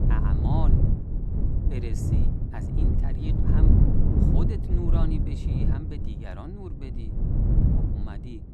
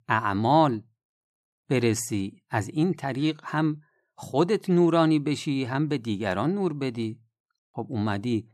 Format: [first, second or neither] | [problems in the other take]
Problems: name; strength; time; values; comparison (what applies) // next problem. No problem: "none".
second | wind noise on the microphone; heavy; 4 dB above the speech